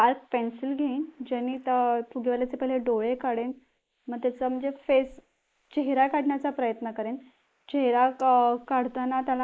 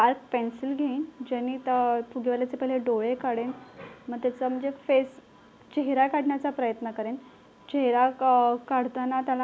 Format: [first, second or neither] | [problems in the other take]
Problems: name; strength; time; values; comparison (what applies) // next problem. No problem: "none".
second | noise reduction (neural mask model Resemble Enhance denoiser)